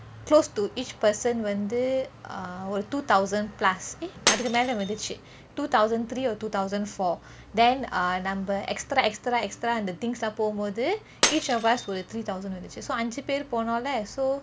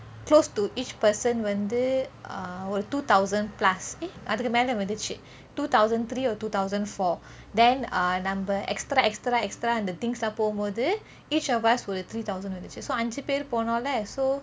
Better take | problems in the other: second | background sound (Shatter); 11 dB below the speech

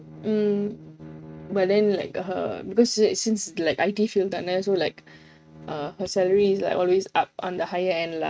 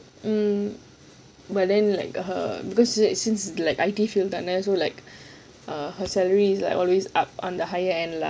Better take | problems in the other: second | noise reduction (neural mask model RNNoise)

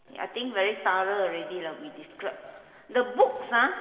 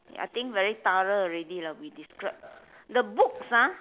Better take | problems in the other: second | room echo; dies away in 2.3 s

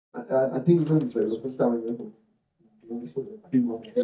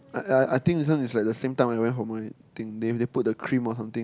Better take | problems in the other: second | noise reduction (neural mask model DeepFilterNet 3)

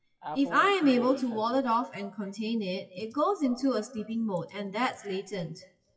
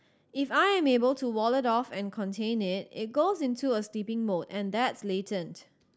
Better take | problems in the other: second | noise reduction (classical method WPE with log-MMSE)

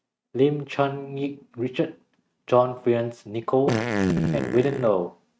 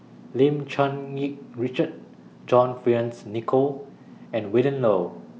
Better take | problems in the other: second | noise reduction (neural mask model RNNoise)

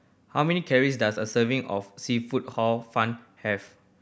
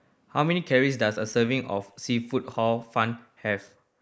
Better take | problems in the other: first | noise reduction (neural mask model Resemble Enhance denoiser)

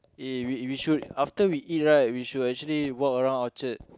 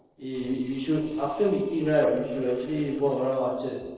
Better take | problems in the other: first | noise reduction (neural separator model SepFormer DNS4)

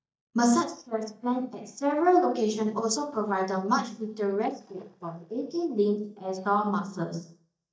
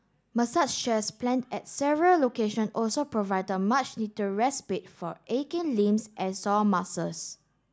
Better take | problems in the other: second | noise reduction (neural mask model DeepFilterNet 3)

